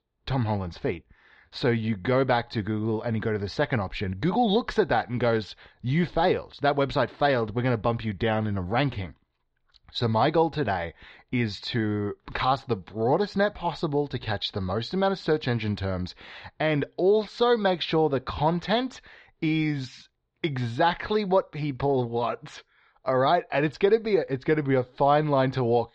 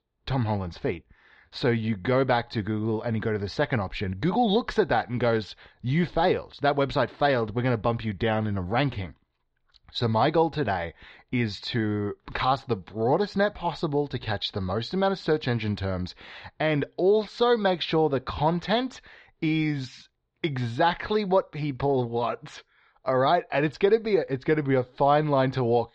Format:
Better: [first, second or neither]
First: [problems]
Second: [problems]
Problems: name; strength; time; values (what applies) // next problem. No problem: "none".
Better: neither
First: muffled; slightly; fading above 4 kHz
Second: muffled; slightly; fading above 4 kHz